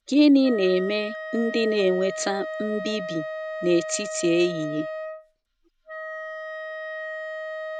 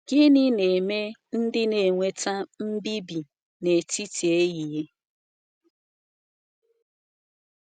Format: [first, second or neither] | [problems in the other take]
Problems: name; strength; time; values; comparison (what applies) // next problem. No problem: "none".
second | background sound (Wind instrument, woodwind instrument); 9 dB below the speech